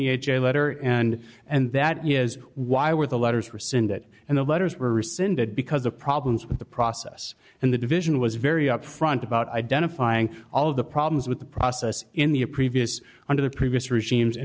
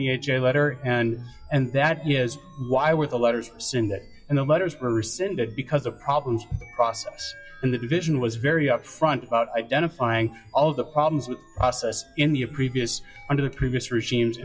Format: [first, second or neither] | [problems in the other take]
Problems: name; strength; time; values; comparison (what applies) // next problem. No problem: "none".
first | noise reduction (classical method WPE with log-MMSE)